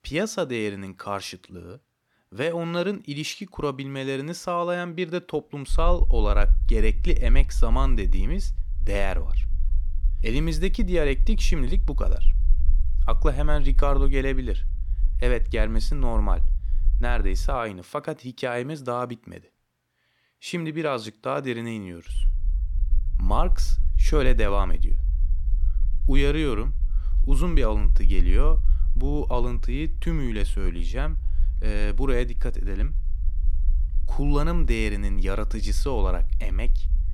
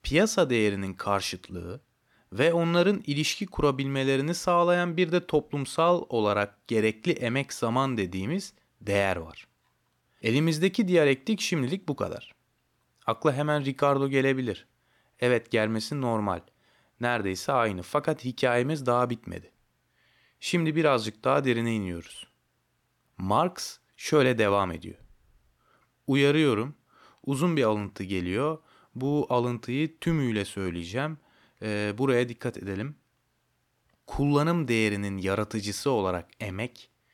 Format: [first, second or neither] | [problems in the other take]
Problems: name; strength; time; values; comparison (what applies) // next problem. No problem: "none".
second | low rumble; faint; from 5.5 to 18 s and from 22 s on; 20 dB below the speech